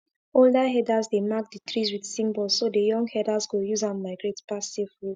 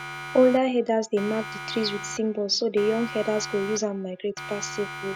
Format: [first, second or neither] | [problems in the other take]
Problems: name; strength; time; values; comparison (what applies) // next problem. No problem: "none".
first | background sound (Siren); 12 dB below the speech